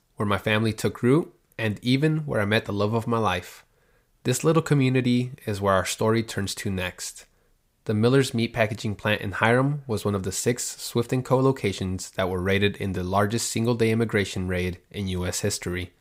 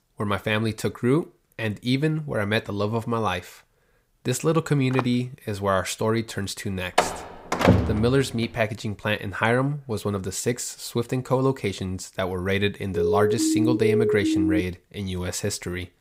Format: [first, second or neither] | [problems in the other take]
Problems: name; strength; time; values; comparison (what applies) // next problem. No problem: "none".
first | footsteps; noticeable; at 5 s; peak 8 dB below the speech // door banging; loud; from 7 to 8 s; peak 6 dB above the speech // siren; loud; from 13 to 15 s; peak 3 dB above the speech